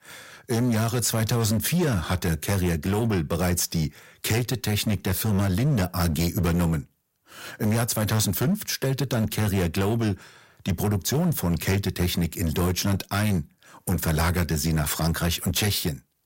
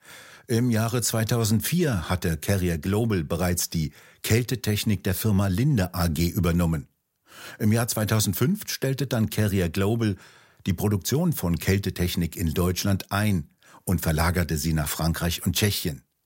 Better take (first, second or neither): second